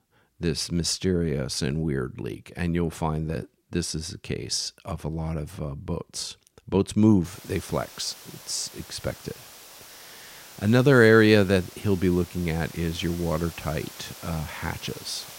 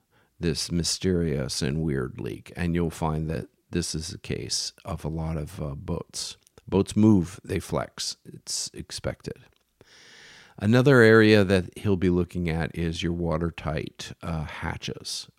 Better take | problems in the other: second | hiss; noticeable; from 7 s on; 15 dB below the speech

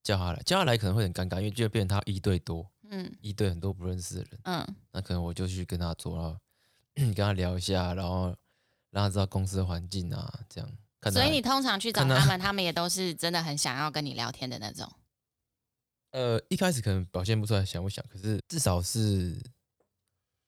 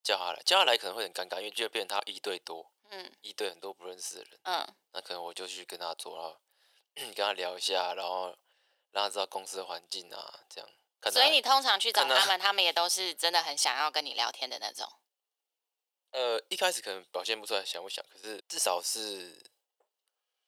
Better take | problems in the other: first | thin; very; fading below 450 Hz

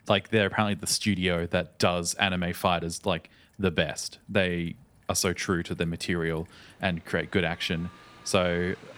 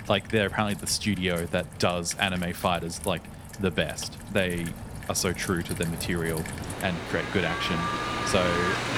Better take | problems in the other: first | rain or running water; loud; throughout; 6 dB below the speech; faint in the first

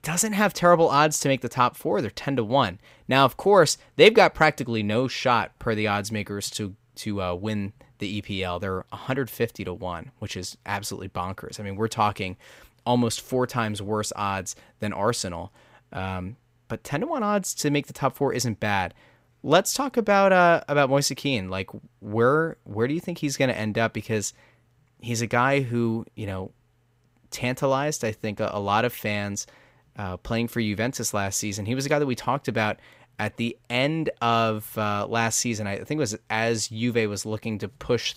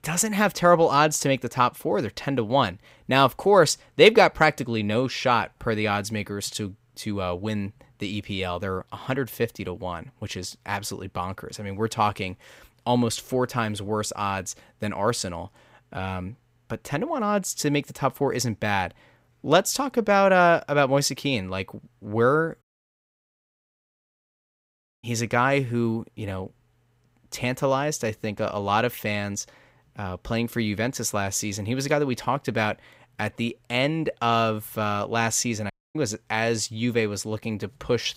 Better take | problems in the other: first | audio cutting out; at 23 s for 2.5 s and at 36 s

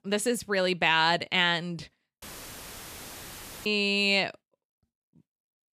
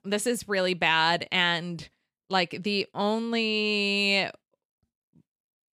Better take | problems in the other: second | audio cutting out; filled with static; at 2 s for 1.5 s

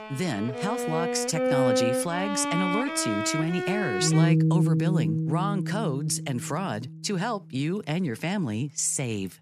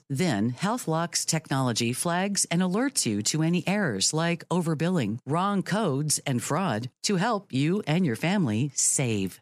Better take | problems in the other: second | background music; very loud; throughout; 2 dB above the speech

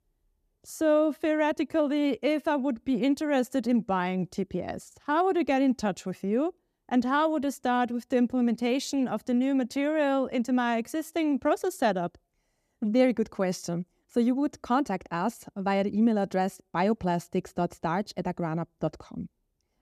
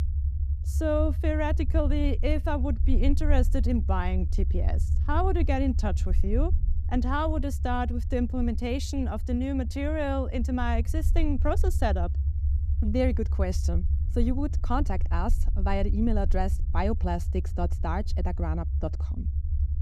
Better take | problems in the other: first | low rumble; noticeable; throughout; 15 dB below the speech

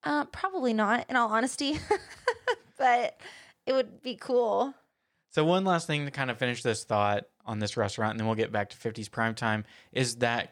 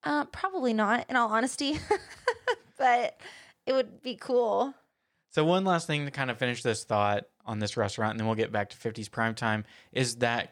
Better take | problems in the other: neither | none

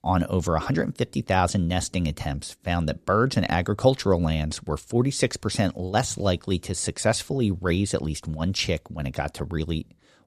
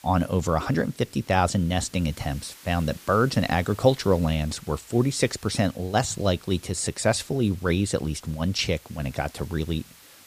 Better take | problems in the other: first | hiss; faint; throughout; 20 dB below the speech

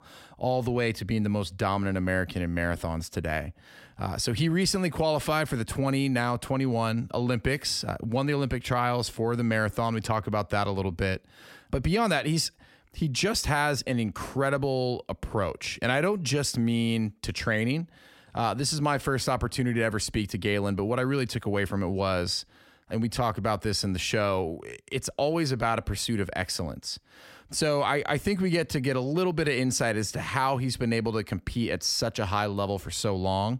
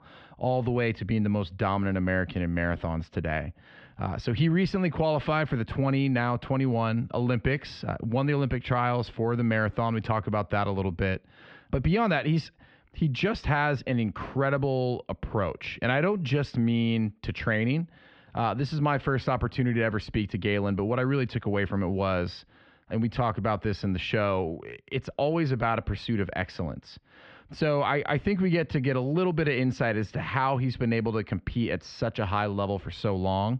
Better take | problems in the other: first | muffled; slightly; fading above 3.5 kHz

